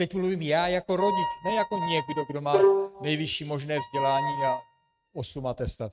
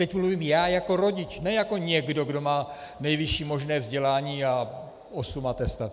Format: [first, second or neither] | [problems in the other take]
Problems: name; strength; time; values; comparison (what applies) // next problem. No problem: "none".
second | noise reduction (neural mask model RNNoise)